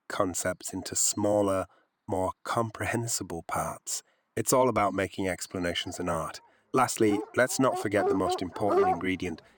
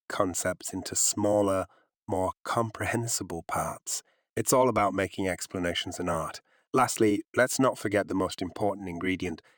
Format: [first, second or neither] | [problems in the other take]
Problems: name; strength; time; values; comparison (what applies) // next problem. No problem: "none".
second | animal sounds; loud; throughout; 2 dB below the speech